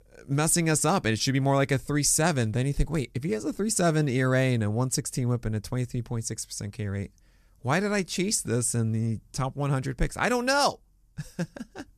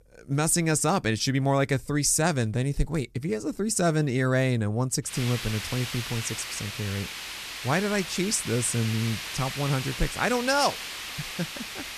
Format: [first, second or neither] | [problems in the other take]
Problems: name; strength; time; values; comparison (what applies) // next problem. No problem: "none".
first | hiss; loud; from 5 s on; 7 dB below the speech